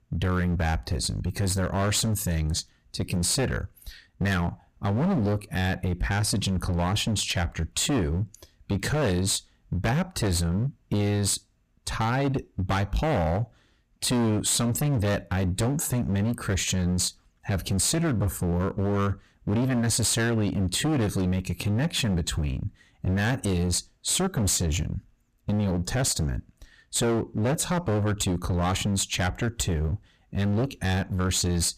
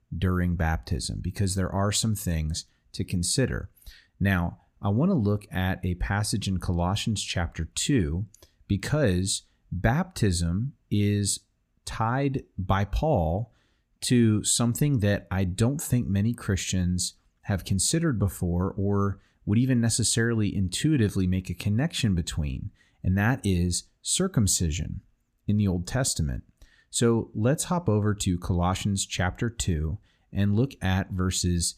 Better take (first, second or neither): second